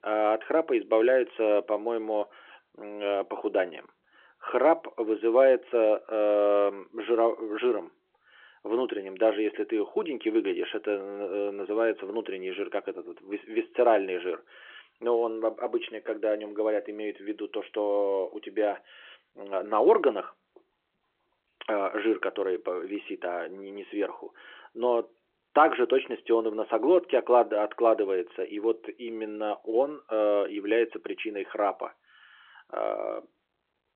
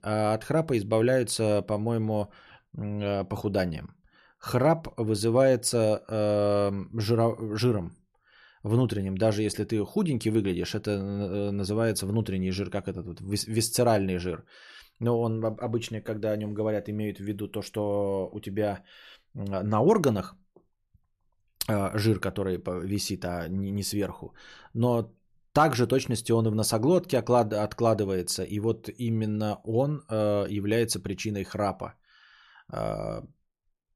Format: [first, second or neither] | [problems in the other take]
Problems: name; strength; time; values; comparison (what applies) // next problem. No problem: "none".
second | phone-call audio